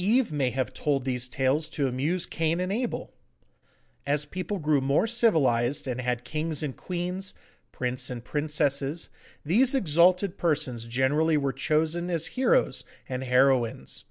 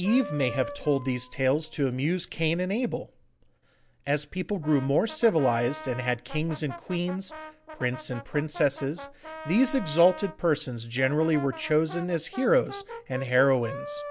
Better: first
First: none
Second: background sound (Brass instrument); 15 dB below the speech

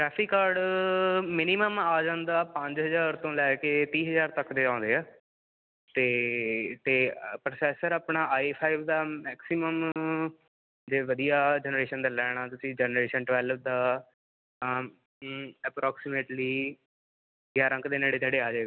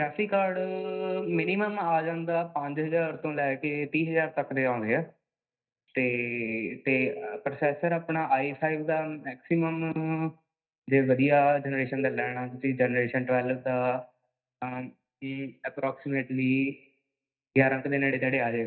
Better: first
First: none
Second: noise reduction (neural mask model DeepFilterNet 3)

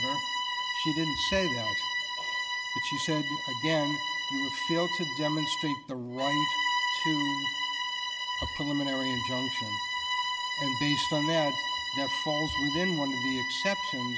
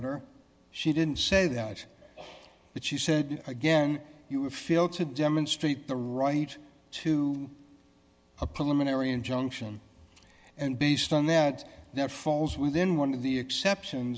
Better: second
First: background sound (Bowed string instrument); 1 dB above the speech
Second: none

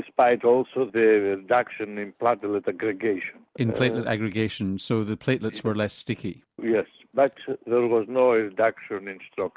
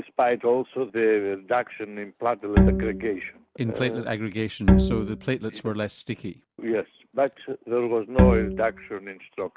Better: first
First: none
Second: background sound (Bowed string instrument); 4 dB above the speech

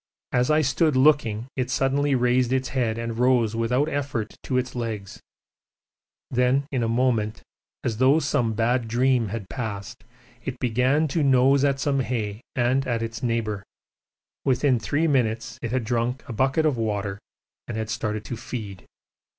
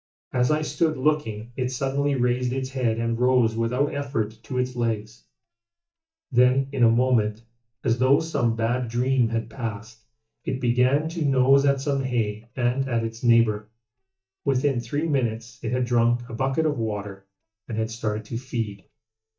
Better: first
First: none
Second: noise reduction (neural mask model DeepFilterNet 3)

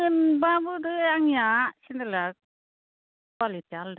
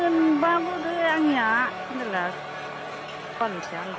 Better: first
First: none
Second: background sound (Crowd); 8 dB below the speech

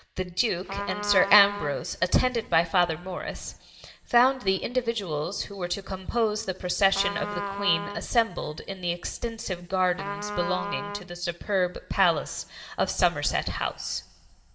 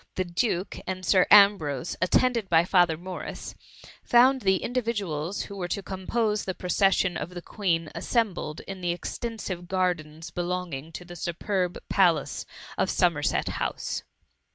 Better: second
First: background sound (Trumpet); 7 dB below the speech // room echo; dies away in 1.1 s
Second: none

